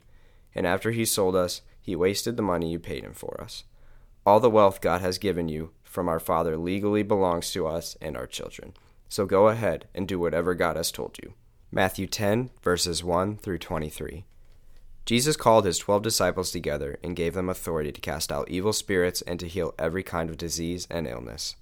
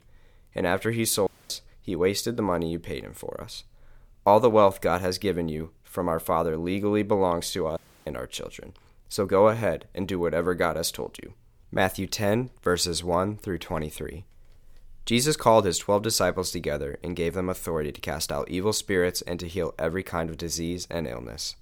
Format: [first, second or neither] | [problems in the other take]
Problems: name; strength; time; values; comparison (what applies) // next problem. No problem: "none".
first | audio cutting out; at 1.5 s and at 8 s